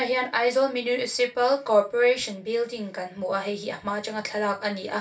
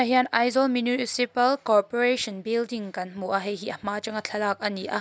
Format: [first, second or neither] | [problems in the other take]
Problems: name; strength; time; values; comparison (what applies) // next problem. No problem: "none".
second | room echo; dies away in 0.3 s